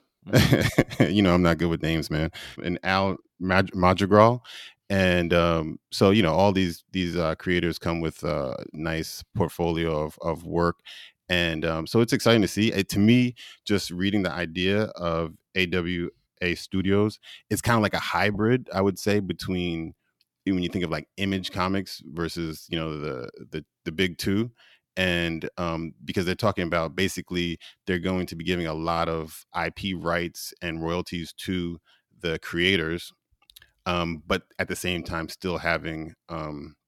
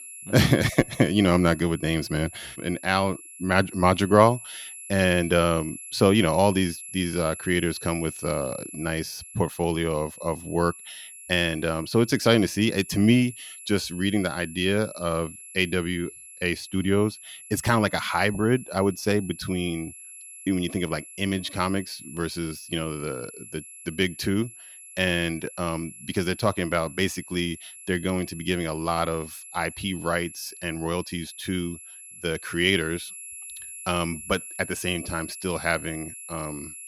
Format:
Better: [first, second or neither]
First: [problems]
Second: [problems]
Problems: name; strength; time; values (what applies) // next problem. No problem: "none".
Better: first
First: none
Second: high-pitched whine; noticeable; throughout; 11 kHz, 15 dB below the speech